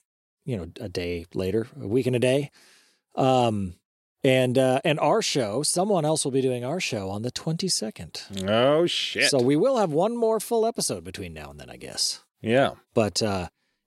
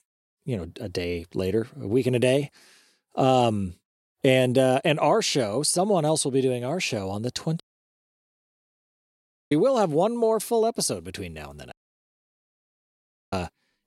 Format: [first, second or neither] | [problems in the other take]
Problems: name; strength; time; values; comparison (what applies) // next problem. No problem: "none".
first | audio cutting out; at 7.5 s for 2 s and at 12 s for 1.5 s